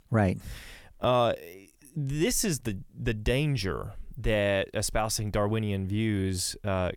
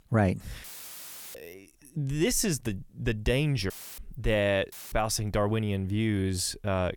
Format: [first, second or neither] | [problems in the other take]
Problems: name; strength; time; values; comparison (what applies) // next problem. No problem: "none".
first | audio cutting out; filled with static; at 0.5 s for 0.5 s, at 3.5 s and at 4.5 s